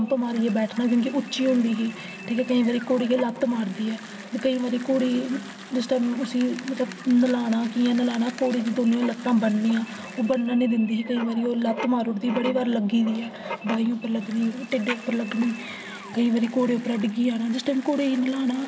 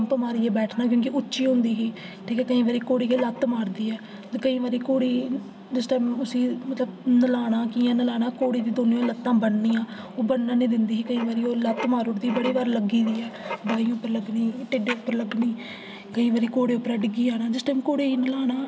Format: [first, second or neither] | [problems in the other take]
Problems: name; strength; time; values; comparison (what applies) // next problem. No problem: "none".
second | background sound (Bicycle + Alarm); 20 dB below the speech